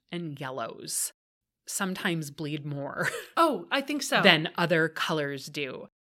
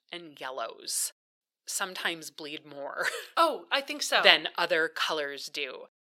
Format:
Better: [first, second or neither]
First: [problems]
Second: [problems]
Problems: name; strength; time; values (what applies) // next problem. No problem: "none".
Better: first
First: none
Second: thin; very; fading below 550 Hz